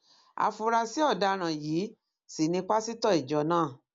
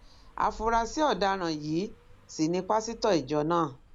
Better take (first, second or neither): first